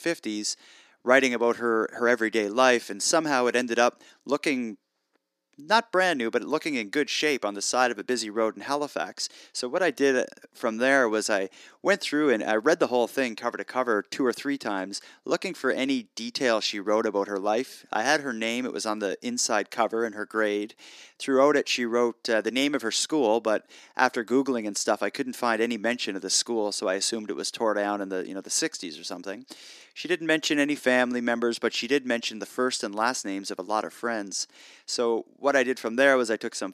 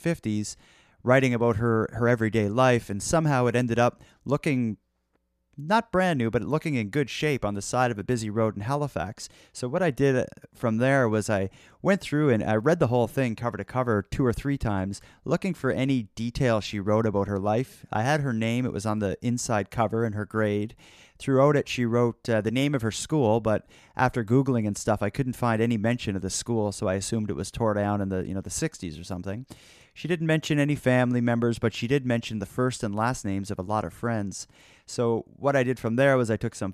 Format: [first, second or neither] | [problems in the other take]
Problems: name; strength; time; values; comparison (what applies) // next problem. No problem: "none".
second | thin; very slightly; fading below 300 Hz